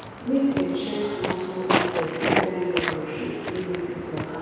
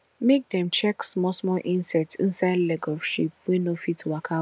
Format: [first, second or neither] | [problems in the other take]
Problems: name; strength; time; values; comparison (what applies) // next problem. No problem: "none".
second | background sound (Walk, footsteps); 2 dB below the speech // room echo; dies away in 2.2 s